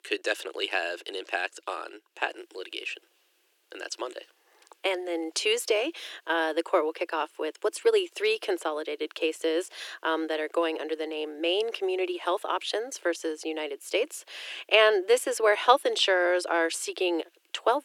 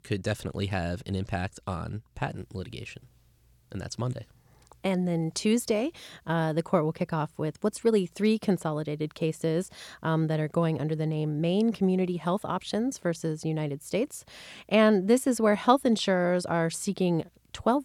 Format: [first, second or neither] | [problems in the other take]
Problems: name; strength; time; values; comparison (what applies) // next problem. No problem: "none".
second | thin; very; fading below 350 Hz